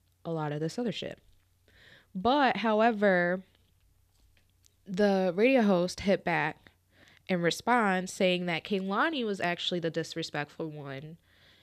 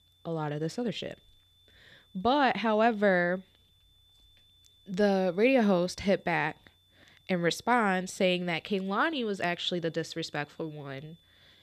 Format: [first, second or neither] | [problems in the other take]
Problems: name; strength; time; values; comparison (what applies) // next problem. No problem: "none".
first | high-pitched whine; faint; throughout; 3.5 kHz, 35 dB below the speech